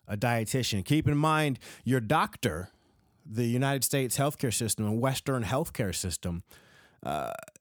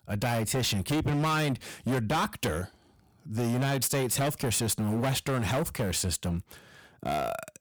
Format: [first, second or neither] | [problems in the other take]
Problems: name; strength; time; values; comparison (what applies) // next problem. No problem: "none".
first | distortion; heavy; 19% of the sound clipped